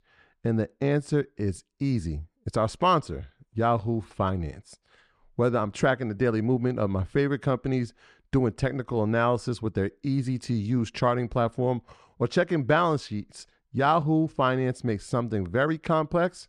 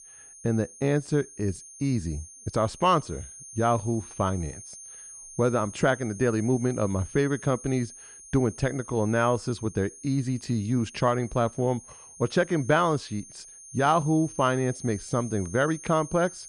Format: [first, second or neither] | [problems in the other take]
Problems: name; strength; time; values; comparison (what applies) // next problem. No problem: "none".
first | high-pitched whine; noticeable; throughout; 6.5 kHz, 15 dB below the speech